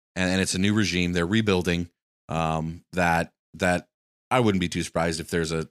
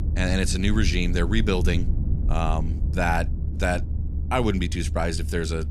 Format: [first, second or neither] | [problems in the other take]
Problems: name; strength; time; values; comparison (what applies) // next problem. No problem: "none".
first | low rumble; noticeable; throughout; 15 dB below the speech